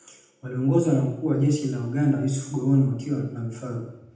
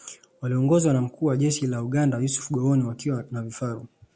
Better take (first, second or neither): second